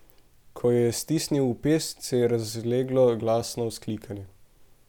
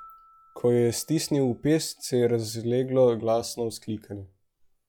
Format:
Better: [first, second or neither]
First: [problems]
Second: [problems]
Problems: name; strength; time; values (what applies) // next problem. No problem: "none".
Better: first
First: none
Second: noise reduction (classical method log-MMSE)